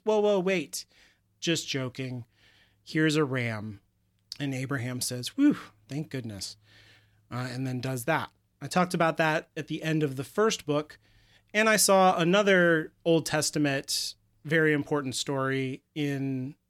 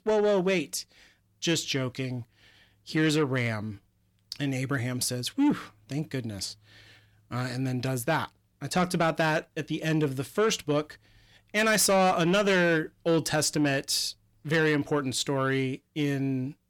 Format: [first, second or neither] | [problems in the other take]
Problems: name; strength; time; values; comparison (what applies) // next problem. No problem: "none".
first | distortion; slight; 10 dB below the speech